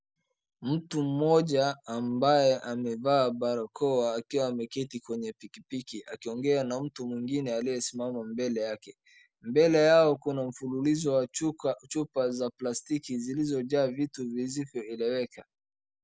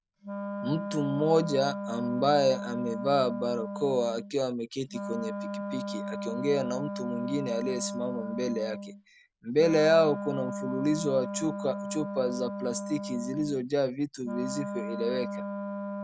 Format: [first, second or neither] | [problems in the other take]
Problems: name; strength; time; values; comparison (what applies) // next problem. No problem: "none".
first | background sound (Wind instrument, woodwind instrument); 7 dB below the speech